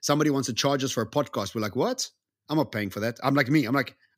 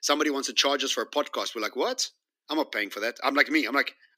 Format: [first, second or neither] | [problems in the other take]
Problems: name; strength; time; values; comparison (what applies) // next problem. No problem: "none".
first | thin; somewhat; fading below 300 Hz